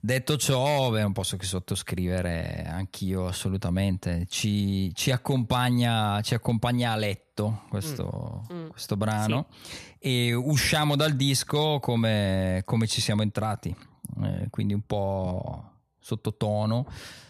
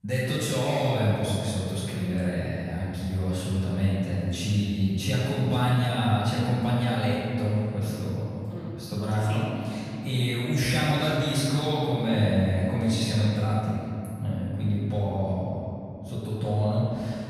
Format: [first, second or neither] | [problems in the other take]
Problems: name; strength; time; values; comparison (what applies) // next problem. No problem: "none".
first | room echo; strong; dies away in 2.8 s // off-mic speech; far